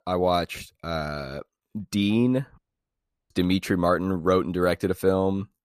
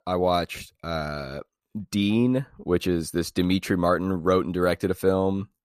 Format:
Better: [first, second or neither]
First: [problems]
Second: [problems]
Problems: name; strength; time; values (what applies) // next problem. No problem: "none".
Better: second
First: audio cutting out; at 2.5 s for 0.5 s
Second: none